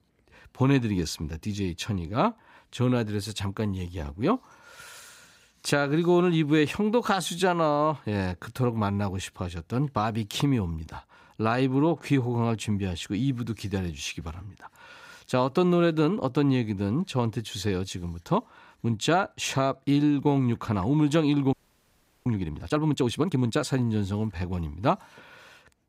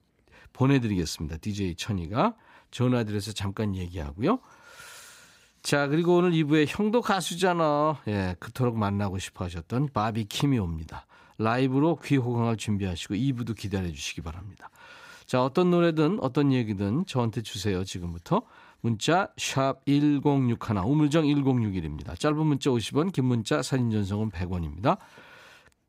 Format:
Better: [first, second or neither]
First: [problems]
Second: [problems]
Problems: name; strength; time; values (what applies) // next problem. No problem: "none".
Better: second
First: audio freezing; at 22 s for 0.5 s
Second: none